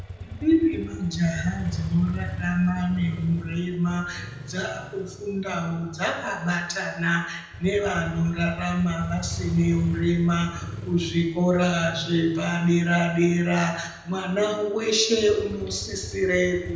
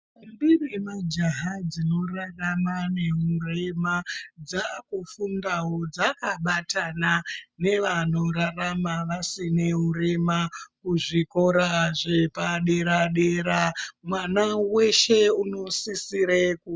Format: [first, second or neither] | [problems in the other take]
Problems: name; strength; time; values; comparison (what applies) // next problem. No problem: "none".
second | background sound (Motorcycle); 12 dB below the speech // room echo; dies away in 0.8 s